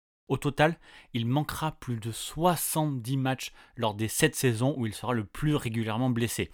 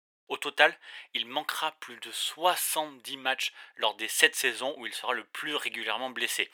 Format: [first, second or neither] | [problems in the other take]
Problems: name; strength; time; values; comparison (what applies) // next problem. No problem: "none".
first | thin; very; fading below 500 Hz